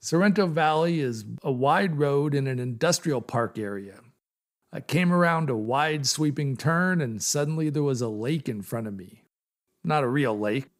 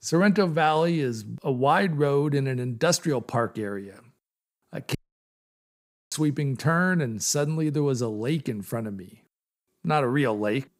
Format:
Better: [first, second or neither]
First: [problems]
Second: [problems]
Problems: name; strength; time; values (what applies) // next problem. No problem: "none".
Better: first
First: none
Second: audio cutting out; at 5 s for 1 s